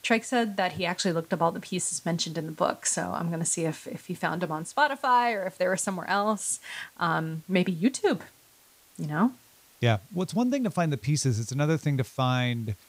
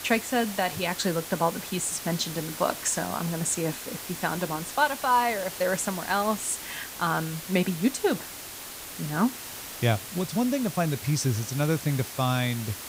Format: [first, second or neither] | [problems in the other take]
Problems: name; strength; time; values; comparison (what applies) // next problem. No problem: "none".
first | hiss; loud; throughout; 9 dB below the speech; faint in the first